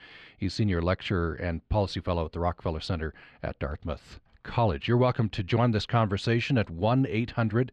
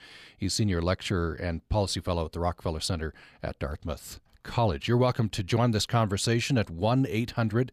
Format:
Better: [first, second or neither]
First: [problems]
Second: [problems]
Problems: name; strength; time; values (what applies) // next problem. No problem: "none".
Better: second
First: muffled; slightly; fading above 2.5 kHz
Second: none